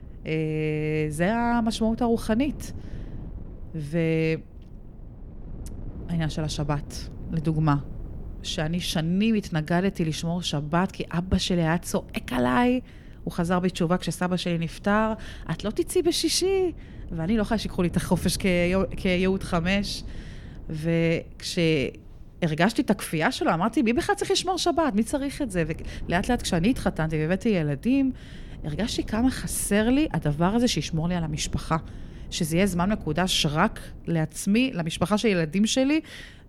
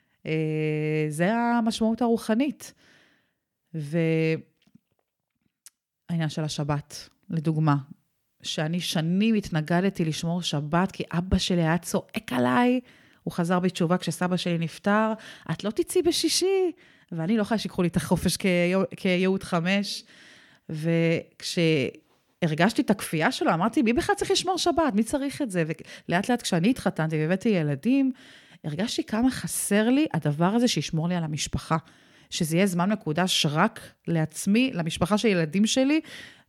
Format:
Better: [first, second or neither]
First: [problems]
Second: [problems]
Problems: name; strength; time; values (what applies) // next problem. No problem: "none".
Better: second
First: wind noise on the microphone; occasional gusts; 25 dB below the speech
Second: none